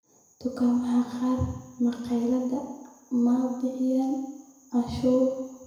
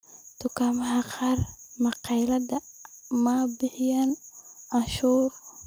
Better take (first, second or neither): second